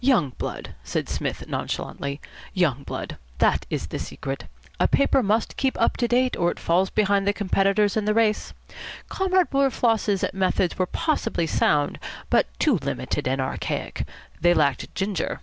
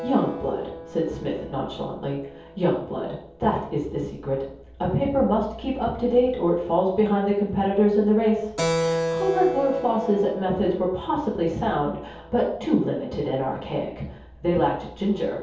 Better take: first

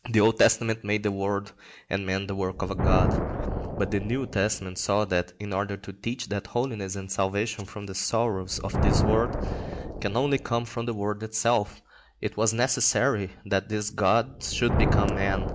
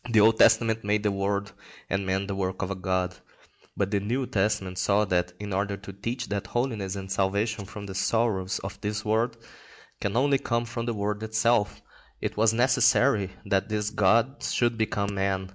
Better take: second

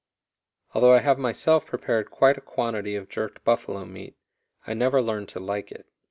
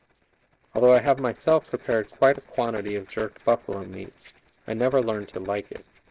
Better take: first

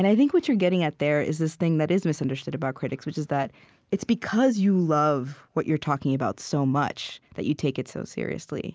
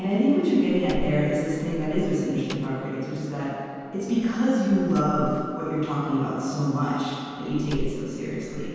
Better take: first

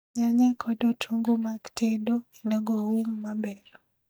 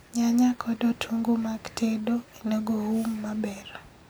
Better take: second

